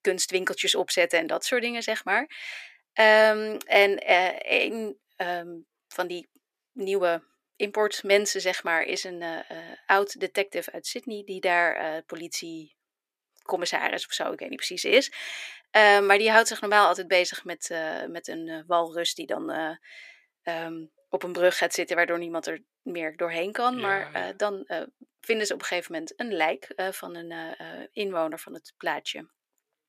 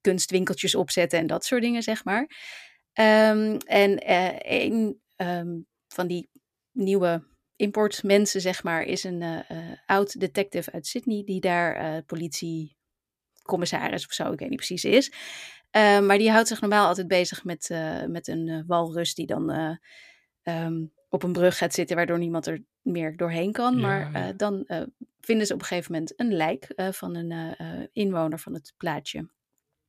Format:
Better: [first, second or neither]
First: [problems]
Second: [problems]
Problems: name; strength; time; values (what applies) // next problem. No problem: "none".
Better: second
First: thin; somewhat; fading below 450 Hz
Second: none